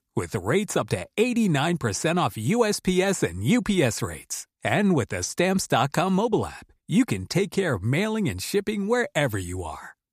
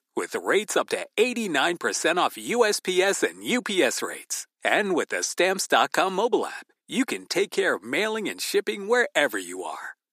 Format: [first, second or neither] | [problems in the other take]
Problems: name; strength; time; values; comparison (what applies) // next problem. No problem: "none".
first | thin; somewhat; fading below 300 Hz